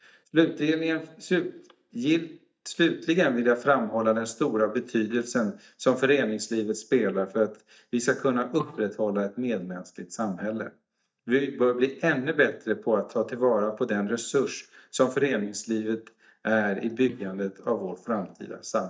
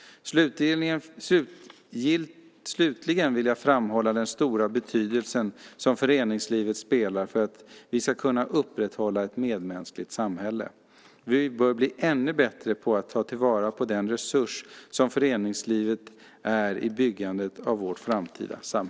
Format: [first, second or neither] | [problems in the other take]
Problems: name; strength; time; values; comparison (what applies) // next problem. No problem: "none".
second | noise reduction (neural mask model DeepFilterNet 3)